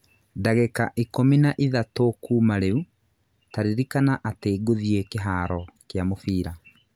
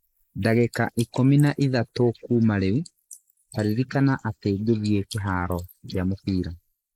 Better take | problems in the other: first | noise reduction (neural mask model Resemble Enhance denoiser)

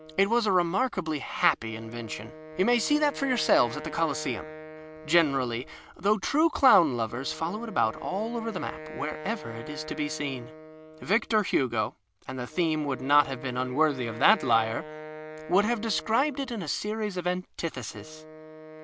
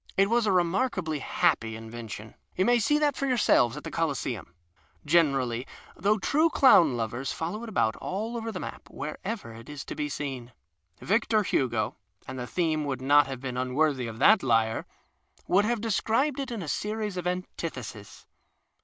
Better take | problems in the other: second | background sound (Wind instrument, woodwind instrument); 15 dB below the speech

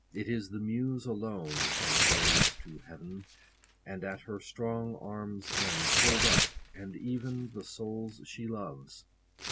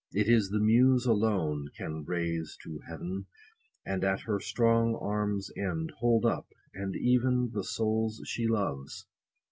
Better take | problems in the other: second | background sound (Tearing); 4 dB above the speech

